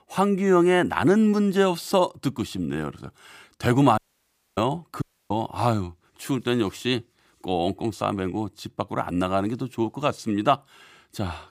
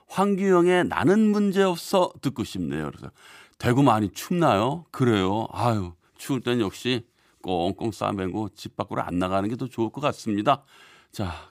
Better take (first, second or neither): second